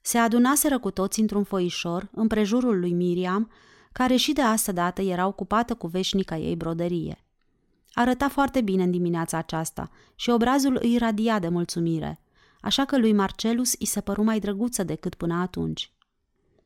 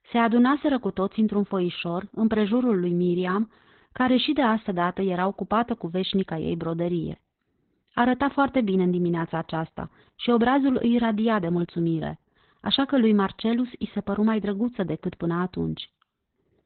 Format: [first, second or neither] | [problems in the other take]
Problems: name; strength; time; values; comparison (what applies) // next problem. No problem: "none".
first | garbled, watery; badly; nothing above 4 kHz